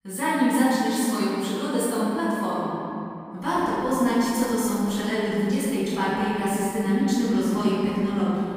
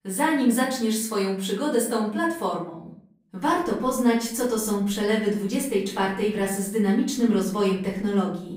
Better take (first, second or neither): second